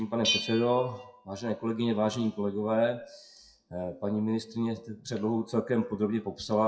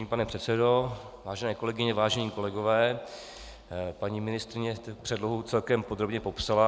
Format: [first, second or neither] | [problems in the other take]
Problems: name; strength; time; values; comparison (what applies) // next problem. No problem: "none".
second | noise reduction (classical method WPE with log-MMSE)